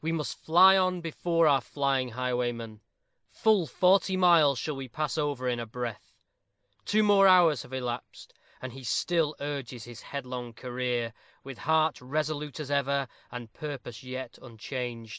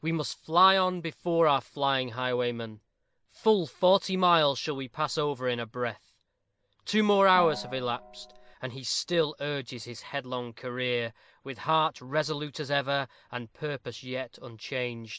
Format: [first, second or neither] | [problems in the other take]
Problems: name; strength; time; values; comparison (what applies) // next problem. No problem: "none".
first | background sound (Gong); 12 dB below the speech